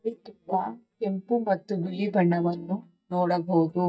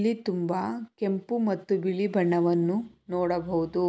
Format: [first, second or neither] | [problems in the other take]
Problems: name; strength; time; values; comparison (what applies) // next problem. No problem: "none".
second | noise reduction (neural mask model DeepFilterNet 3)